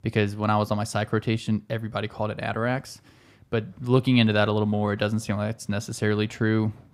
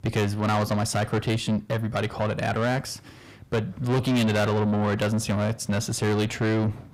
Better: first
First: none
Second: distortion; heavy; 7 dB below the speech

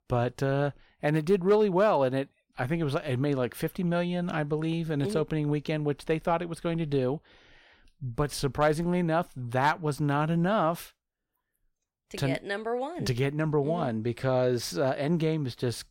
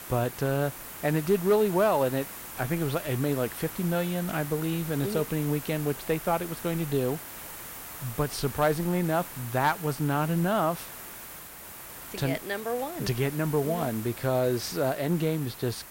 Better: first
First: none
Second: hiss; noticeable; throughout; 10 dB below the speech

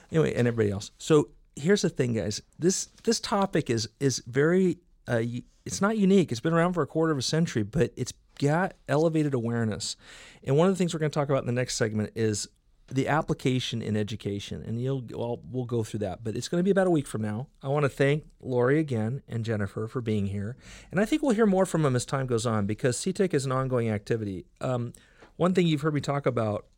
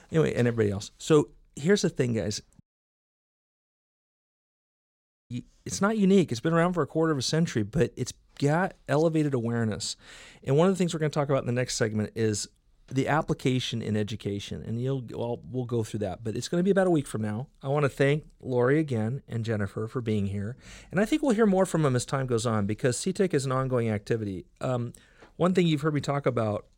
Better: first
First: none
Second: audio cutting out; at 2.5 s for 2.5 s

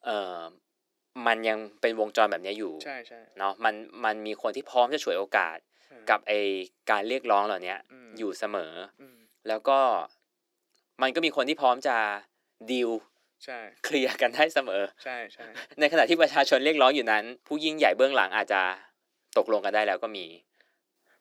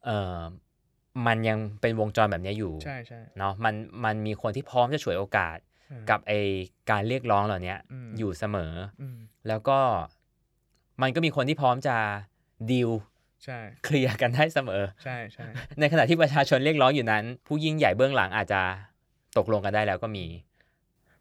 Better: second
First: thin; somewhat; fading below 300 Hz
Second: none

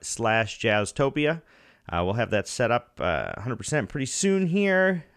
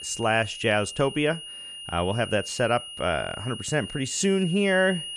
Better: first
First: none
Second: high-pitched whine; noticeable; throughout; 3 kHz, 10 dB below the speech

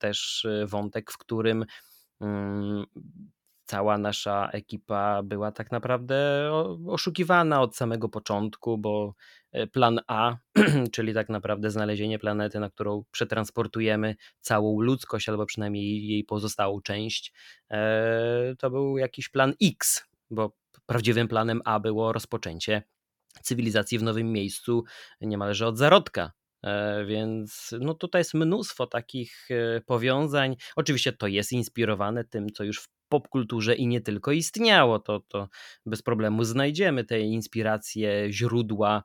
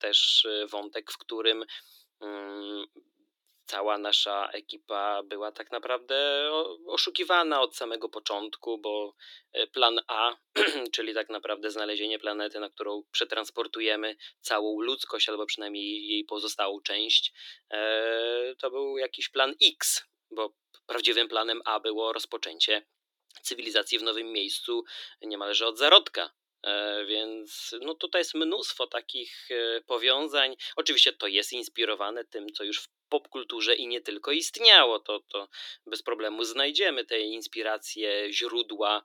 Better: first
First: none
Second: thin; very; fading below 300 Hz

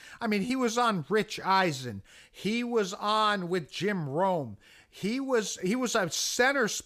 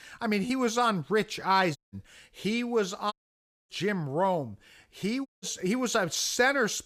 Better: first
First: none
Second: audio cutting out; at 2 s, at 3 s for 0.5 s and at 5.5 s

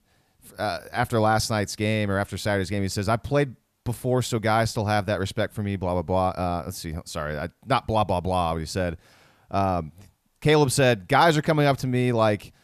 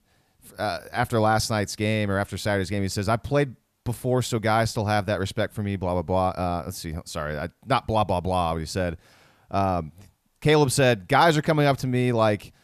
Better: neither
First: none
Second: none

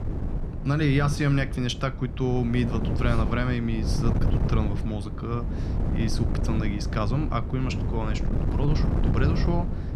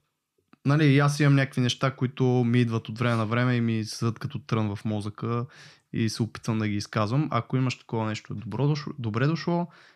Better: second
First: wind noise on the microphone; heavy; 6 dB below the speech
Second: none

